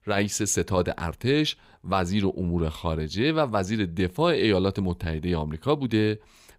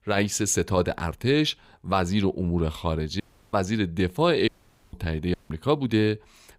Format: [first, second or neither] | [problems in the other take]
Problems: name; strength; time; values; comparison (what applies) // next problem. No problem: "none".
first | audio cutting out; at 3 s, at 4.5 s and at 5.5 s